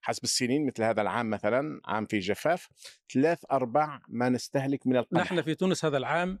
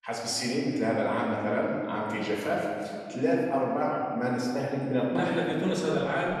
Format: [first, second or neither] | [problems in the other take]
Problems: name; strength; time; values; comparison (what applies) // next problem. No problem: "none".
first | room echo; noticeable; dies away in 2.2 s // off-mic speech; far